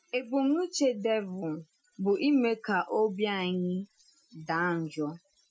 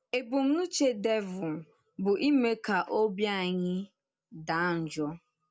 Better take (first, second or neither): second